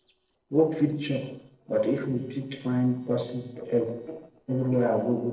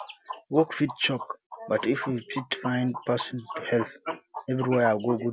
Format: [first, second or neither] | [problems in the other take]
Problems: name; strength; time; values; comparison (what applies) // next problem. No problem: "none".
second | noise reduction (neural separator model SepFormer DNS4)